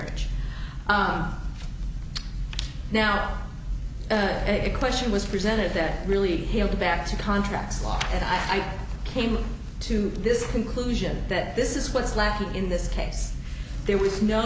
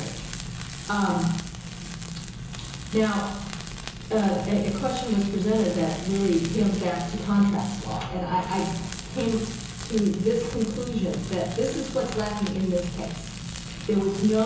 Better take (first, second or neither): first